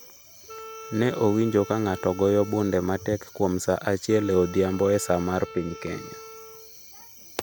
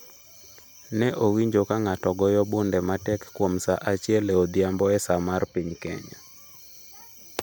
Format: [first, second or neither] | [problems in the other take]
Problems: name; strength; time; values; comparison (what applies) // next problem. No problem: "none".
second | background sound (Wind instrument, woodwind instrument); 17 dB below the speech